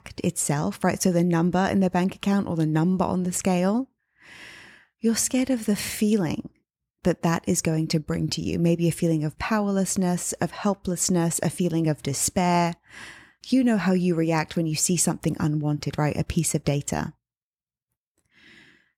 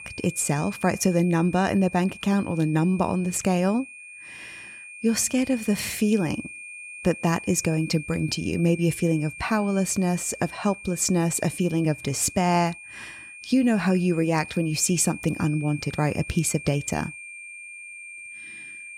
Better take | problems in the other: first | high-pitched whine; noticeable; throughout; 2.5 kHz, 15 dB below the speech

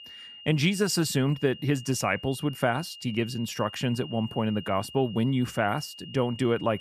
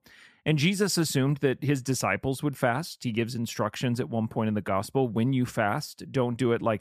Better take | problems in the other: second | high-pitched whine; noticeable; throughout; 3 kHz, 15 dB below the speech

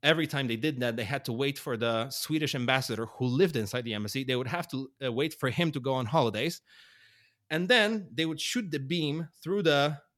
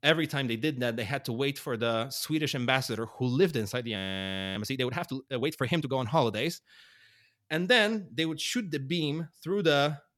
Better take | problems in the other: first | audio freezing; at 4 s for 0.5 s

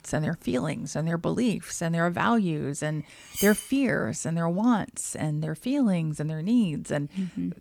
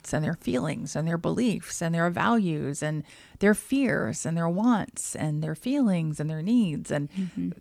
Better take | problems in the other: second | clattering dishes; noticeable; at 3.5 s; peak 4 dB below the speech

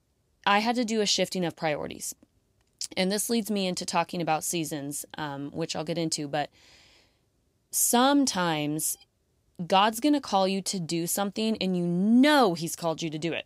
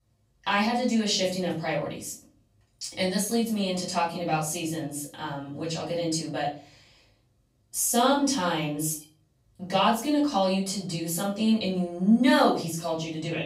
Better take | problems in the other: first | off-mic speech; far // room echo; slight; dies away in 0.4 s

